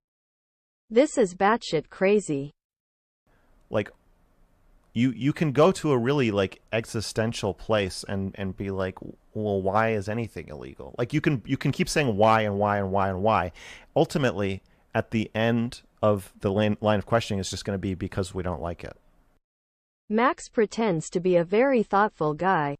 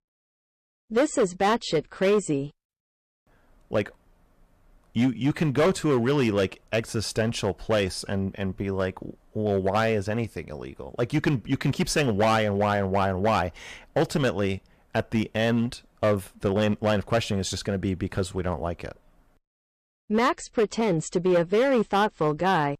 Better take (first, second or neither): first